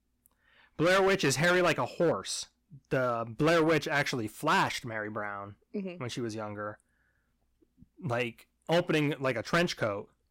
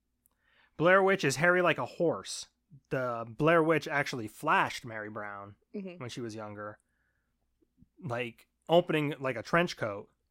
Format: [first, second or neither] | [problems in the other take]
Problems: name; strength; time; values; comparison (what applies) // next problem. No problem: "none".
second | distortion; heavy; 6% of the sound clipped